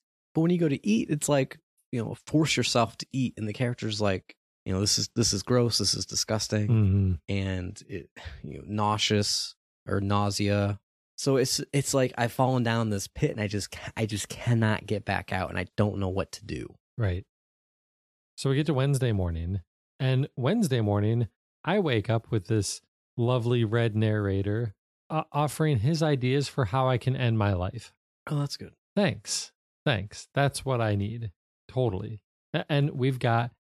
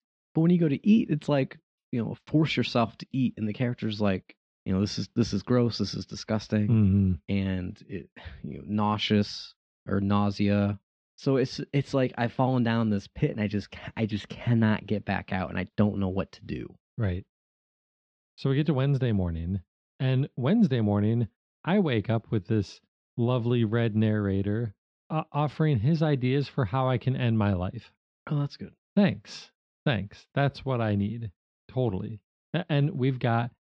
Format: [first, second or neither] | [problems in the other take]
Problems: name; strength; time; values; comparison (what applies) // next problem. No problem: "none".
first | muffled; slightly; fading above 4 kHz